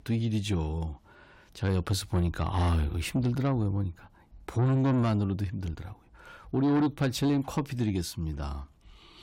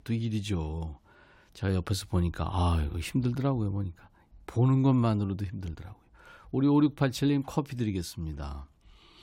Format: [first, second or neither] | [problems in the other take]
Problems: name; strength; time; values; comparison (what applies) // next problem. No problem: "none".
second | distortion; slight; 10 dB below the speech